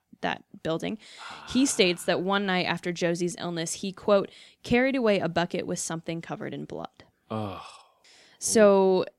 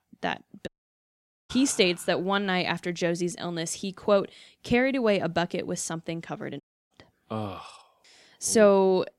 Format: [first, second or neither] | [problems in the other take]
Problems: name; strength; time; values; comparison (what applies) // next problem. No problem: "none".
first | audio cutting out; at 0.5 s for 1 s and at 6.5 s